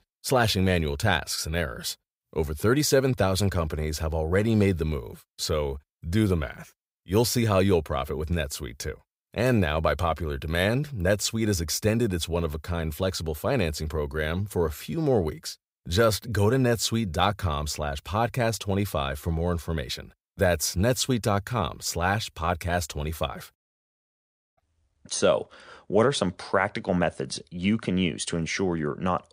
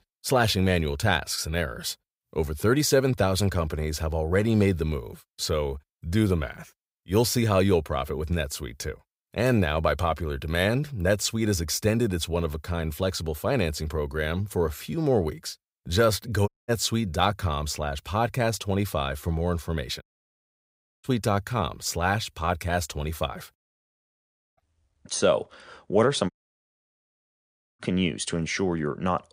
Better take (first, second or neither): first